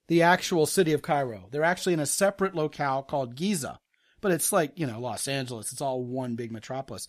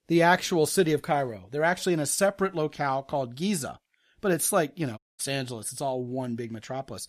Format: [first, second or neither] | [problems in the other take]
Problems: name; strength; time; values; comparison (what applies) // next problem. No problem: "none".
first | audio cutting out; at 5 s